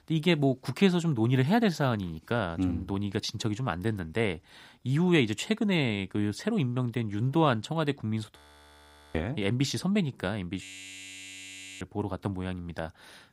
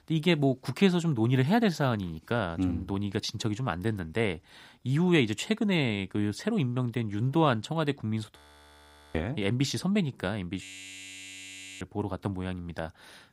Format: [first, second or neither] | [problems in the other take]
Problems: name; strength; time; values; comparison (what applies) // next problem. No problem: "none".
neither | audio freezing; at 8.5 s for 1 s and at 11 s for 1 s; the same in both